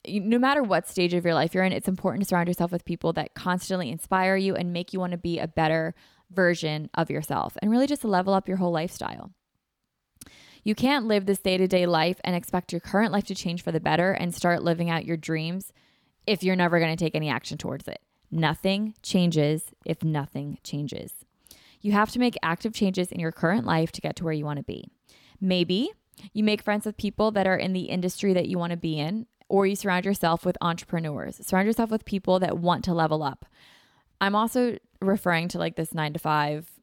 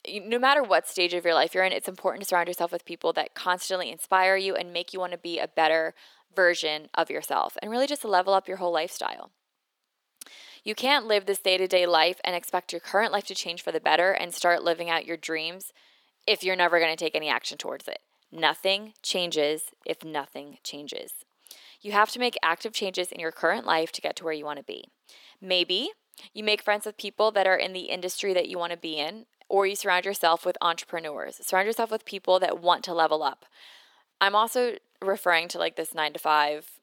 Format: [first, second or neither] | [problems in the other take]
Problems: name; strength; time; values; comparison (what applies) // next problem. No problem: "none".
first | thin; very; fading below 450 Hz